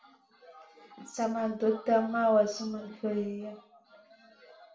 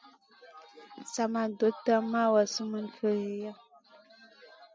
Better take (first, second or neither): second